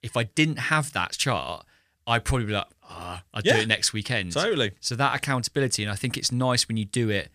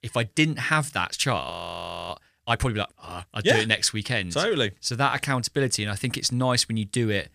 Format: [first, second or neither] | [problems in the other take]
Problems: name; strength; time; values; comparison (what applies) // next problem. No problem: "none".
first | audio freezing; at 1.5 s for 0.5 s